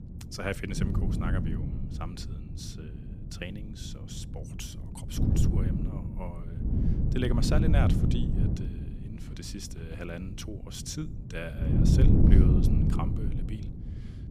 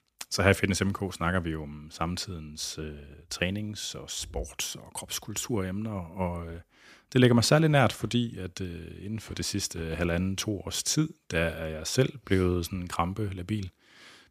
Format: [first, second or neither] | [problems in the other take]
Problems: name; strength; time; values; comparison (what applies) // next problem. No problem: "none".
second | wind noise on the microphone; heavy; 2 dB above the speech